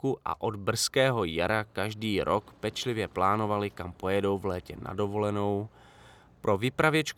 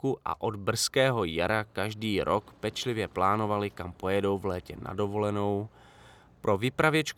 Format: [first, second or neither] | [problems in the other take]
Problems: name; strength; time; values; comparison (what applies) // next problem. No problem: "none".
neither | none